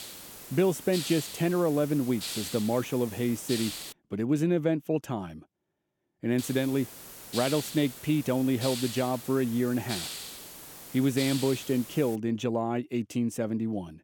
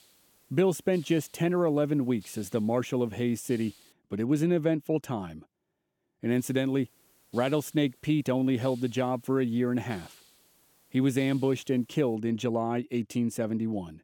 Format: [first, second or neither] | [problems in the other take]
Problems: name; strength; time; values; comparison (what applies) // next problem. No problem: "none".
second | hiss; loud; until 4 s and from 6.5 to 12 s; 9 dB below the speech; faint in the second